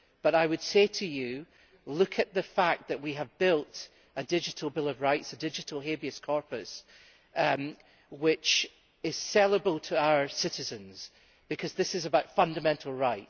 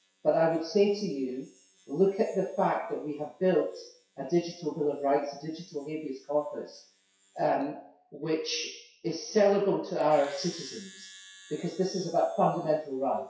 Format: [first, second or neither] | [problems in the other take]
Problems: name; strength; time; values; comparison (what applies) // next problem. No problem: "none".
first | noise reduction (classical method WPE with log-MMSE)